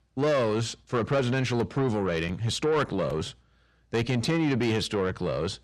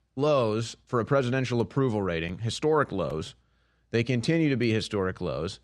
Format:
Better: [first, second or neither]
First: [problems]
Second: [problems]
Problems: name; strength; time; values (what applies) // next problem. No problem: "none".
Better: second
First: distortion; slight; 10 dB below the speech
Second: none